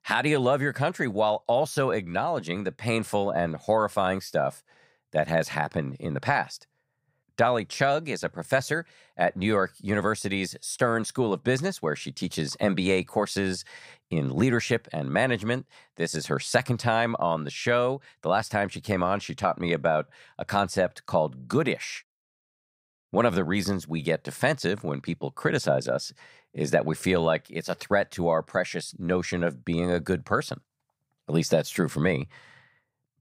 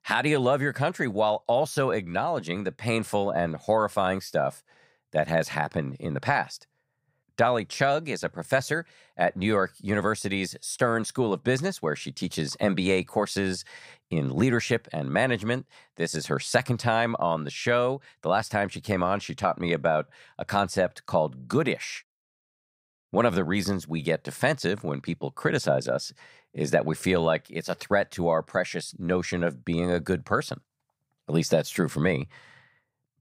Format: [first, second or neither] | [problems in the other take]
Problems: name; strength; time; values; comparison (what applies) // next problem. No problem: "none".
neither | none